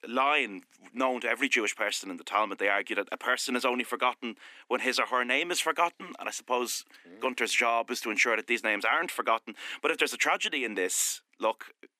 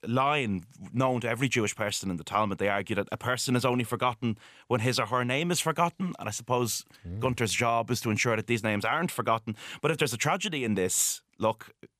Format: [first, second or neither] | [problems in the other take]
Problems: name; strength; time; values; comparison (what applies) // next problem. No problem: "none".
second | thin; somewhat; fading below 250 Hz